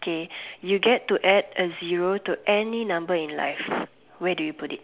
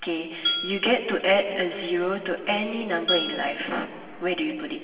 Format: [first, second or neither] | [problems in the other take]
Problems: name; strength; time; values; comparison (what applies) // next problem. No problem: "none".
first | background sound (Glass); 6 dB below the speech // room echo; dies away in 2.4 s